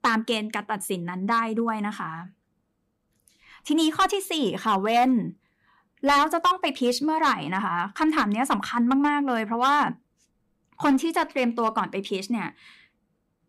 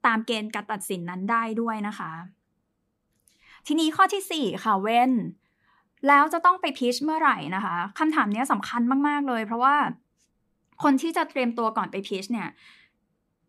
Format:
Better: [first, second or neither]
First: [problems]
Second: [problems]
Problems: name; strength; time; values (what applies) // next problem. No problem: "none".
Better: second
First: distortion; slight; 3% of the sound clipped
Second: none